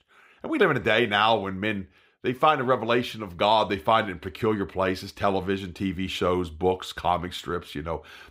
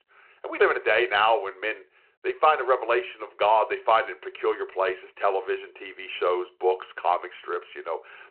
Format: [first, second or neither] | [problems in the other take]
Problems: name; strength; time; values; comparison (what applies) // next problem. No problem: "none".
first | phone-call audio; nothing above 4 kHz